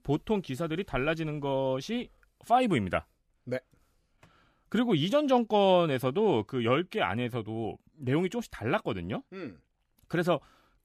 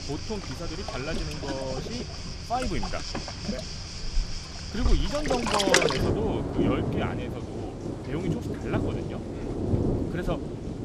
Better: first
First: none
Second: rain or running water; very loud; throughout; 4 dB above the speech

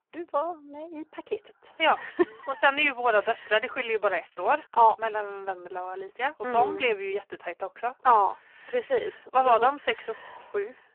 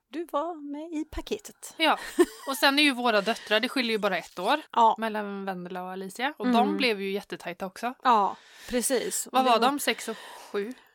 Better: second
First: phone-call audio; poor line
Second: none

